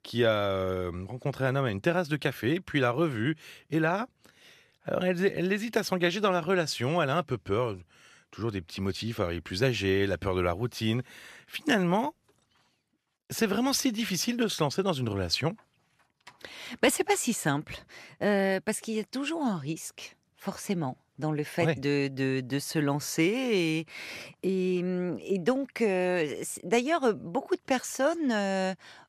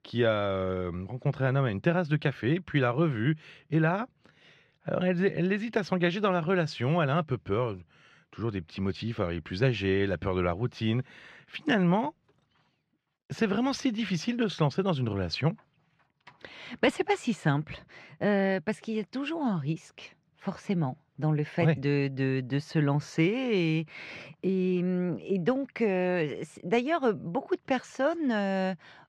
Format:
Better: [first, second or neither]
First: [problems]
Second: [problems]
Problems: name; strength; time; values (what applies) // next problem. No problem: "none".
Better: first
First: none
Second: muffled; very slightly; fading above 3.5 kHz